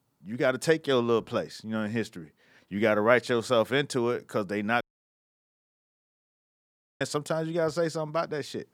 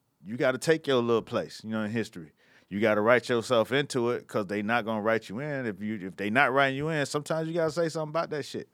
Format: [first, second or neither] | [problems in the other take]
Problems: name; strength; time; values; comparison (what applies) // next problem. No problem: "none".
second | audio cutting out; at 5 s for 2 s